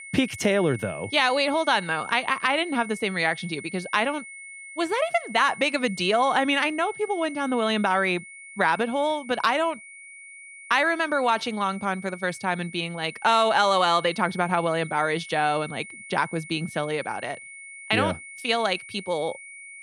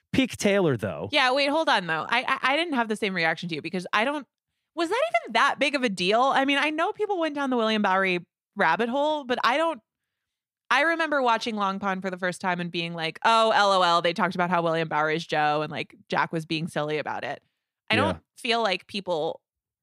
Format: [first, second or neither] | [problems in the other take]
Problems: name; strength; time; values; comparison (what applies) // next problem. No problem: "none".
second | high-pitched whine; noticeable; throughout; 2 kHz, 15 dB below the speech